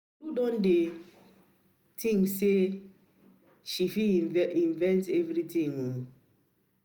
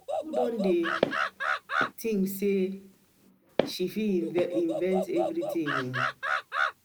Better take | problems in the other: first | background sound (Animal + Walk, footsteps); 1 dB below the speech

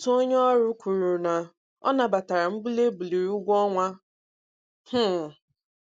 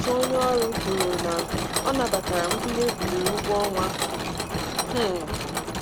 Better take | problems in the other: first | background sound (Mechanisms); 1 dB below the speech

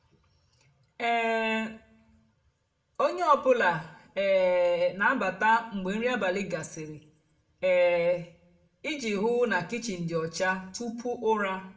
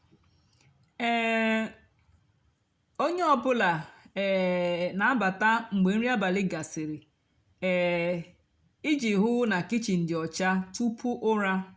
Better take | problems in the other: second | room echo; dies away in 0.5 s

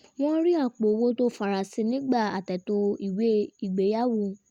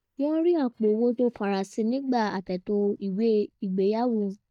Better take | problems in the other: first | noise reduction (neural mask model DeepFilterNet 3)

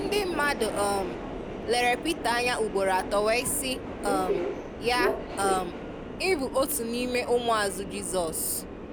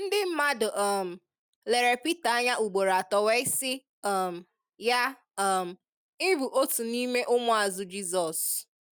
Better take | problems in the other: second | background sound (Subway, metro, underground); 6 dB below the speech

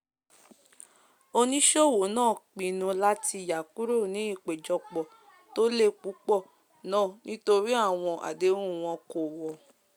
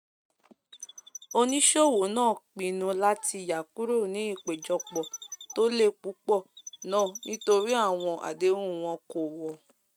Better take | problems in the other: first | noise reduction (neural mask model RNNoise)

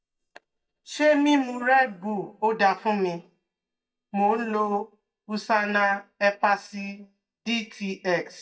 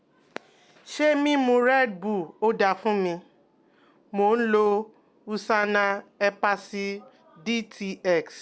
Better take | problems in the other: second | noise reduction (neural mask model DeepFilterNet 3)

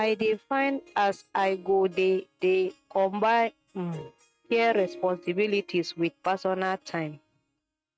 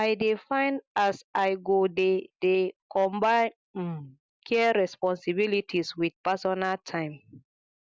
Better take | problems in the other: second | noise reduction (neural mask model RNNoise)

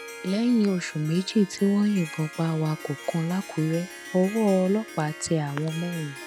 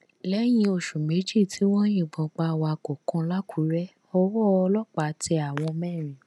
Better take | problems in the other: second | background sound (Harp); 16 dB below the speech

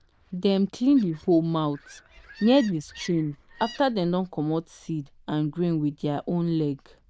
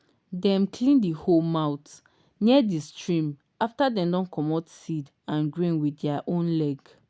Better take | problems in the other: second | noise reduction (neural diffusion model UNIVERSE++)

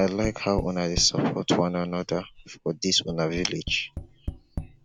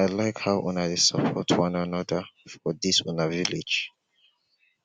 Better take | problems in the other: second | background sound (Tap); 11 dB below the speech

